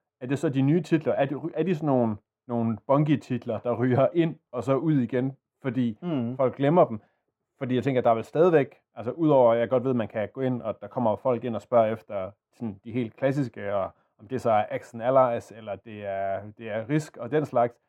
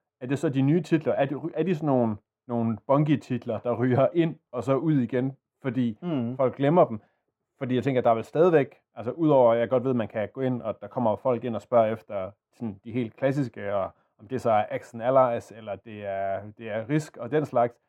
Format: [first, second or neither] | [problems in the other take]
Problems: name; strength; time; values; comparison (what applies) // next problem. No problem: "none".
neither | muffled; very; fading above 3 kHz; the same in both